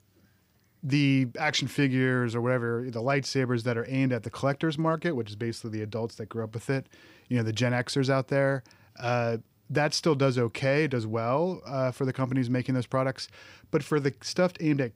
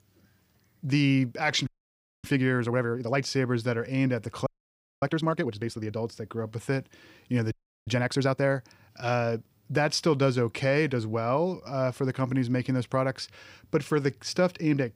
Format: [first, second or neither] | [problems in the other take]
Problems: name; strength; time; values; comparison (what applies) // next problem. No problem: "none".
first | audio freezing; at 1.5 s for 0.5 s, at 4.5 s for 0.5 s and at 7.5 s